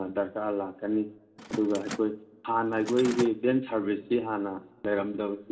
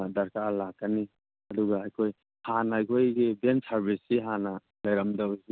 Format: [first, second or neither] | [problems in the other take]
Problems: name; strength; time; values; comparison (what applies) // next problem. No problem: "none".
second | background sound (Mechanisms); 12 dB below the speech // room echo; dies away in 1.8 s